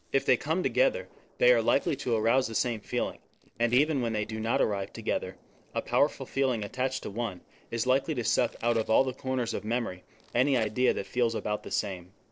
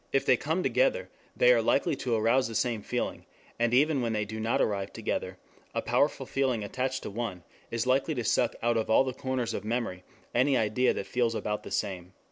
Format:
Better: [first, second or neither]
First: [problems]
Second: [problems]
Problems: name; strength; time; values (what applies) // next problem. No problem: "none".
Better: second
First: noise reduction (neural separator model SepFormer DNS4)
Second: none